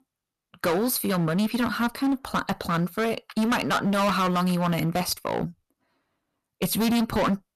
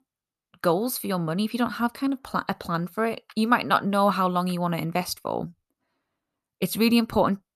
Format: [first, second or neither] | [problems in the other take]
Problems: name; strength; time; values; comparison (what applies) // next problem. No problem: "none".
second | distortion; heavy; 16% of the sound clipped